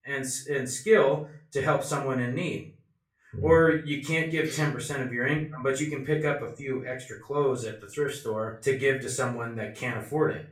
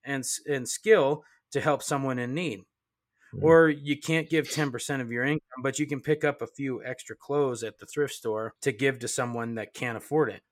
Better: second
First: off-mic speech; far // room echo; slight; dies away in 0.3 s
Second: none

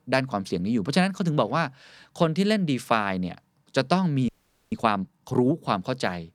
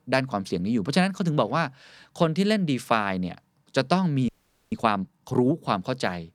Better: neither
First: audio freezing; at 4.5 s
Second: audio freezing; at 4.5 s

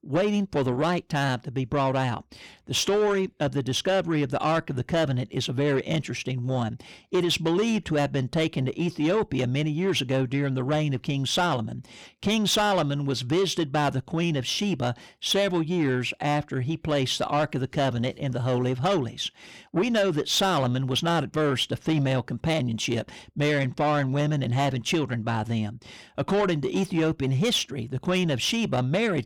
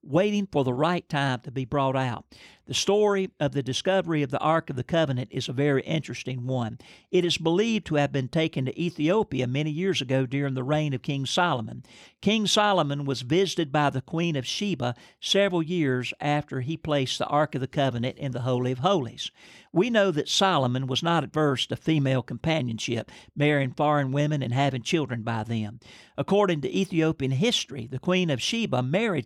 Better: second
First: distortion; slight; 10 dB below the speech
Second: none

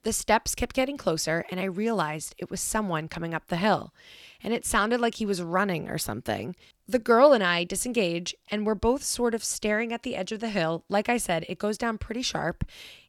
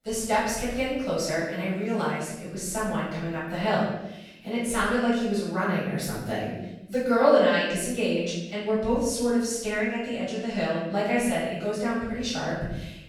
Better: first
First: none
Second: off-mic speech; far // room echo; noticeable; dies away in 0.9 s

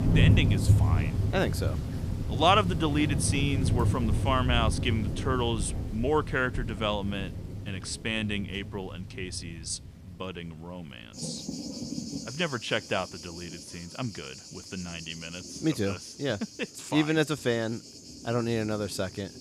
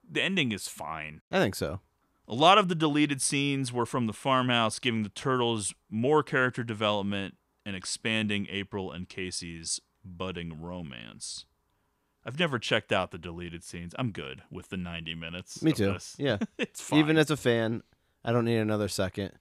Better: second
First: rain or running water; loud; throughout; 1 dB below the speech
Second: none

